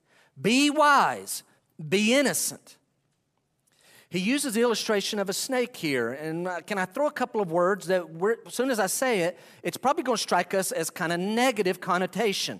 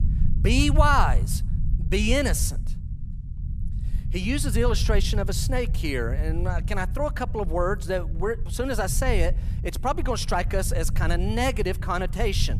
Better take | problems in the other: first | low rumble; noticeable; throughout; 15 dB below the speech

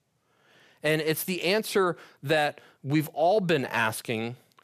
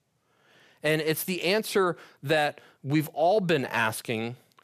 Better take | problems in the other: neither | none

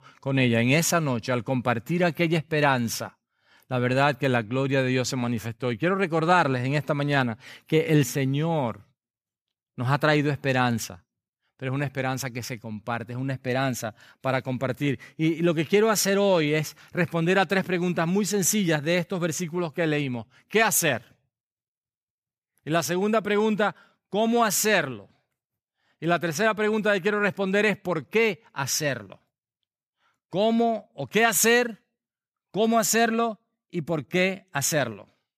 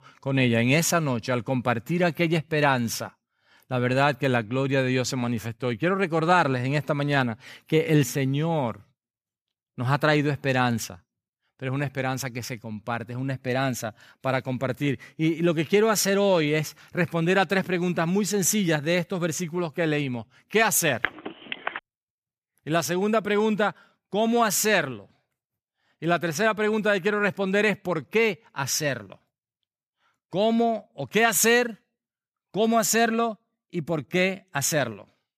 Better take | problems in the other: first | phone ringing; noticeable; at 21 s; peak 6 dB below the speech

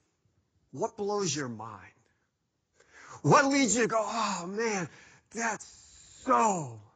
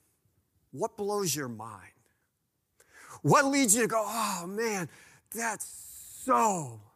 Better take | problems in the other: second | garbled, watery; badly; nothing above 7.5 kHz

